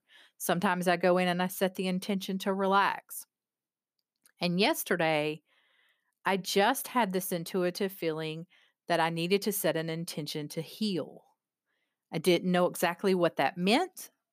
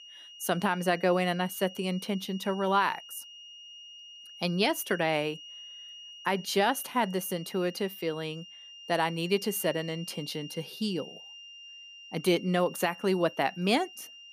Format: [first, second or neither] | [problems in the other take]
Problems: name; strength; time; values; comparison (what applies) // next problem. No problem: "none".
first | high-pitched whine; noticeable; throughout; 3 kHz, 15 dB below the speech